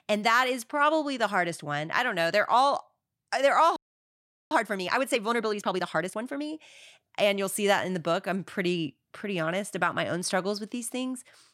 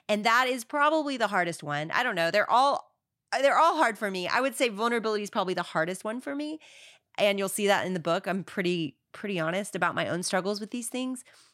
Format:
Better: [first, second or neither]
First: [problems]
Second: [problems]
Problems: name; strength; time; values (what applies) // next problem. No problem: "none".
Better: second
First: audio freezing; at 4 s for 1 s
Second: none